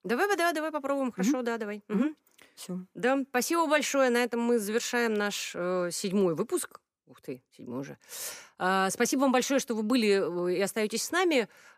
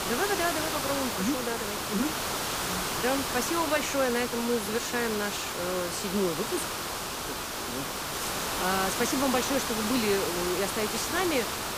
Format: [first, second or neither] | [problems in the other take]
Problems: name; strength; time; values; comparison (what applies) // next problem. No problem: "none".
first | hiss; loud; throughout; as loud as the speech